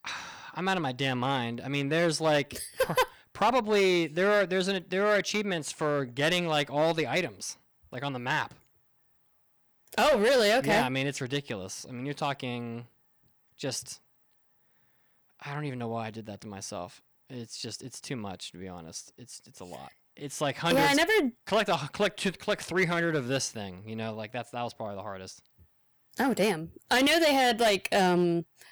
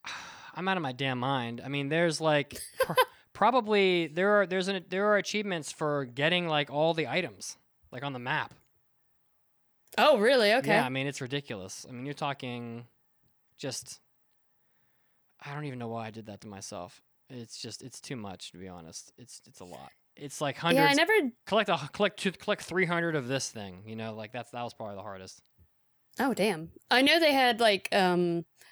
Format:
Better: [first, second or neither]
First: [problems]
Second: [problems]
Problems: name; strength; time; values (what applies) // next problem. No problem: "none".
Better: second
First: distortion; slight; 5% of the sound clipped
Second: none